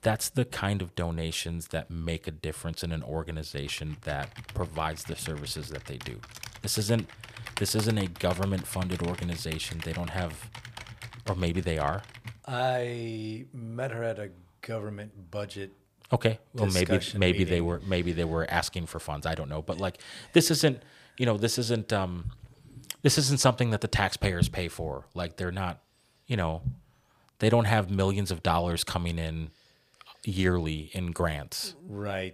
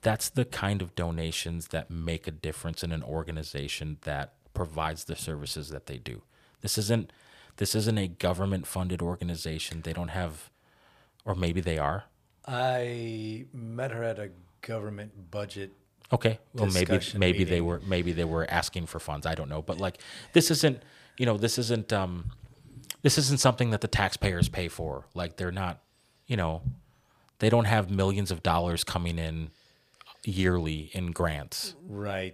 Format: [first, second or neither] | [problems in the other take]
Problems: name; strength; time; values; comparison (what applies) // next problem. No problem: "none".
second | keyboard typing; noticeable; from 3.5 to 12 s; peak 7 dB below the speech